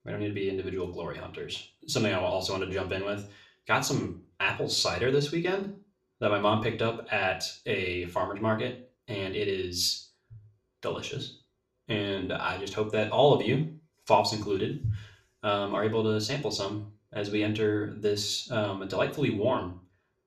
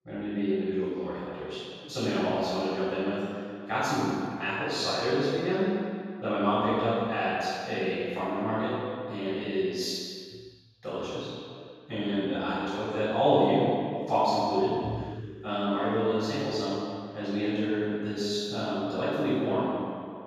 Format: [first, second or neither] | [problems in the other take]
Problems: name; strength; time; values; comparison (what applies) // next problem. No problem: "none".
first | room echo; strong; dies away in 2.1 s; slight in the first // off-mic speech; far; somewhat distant in the first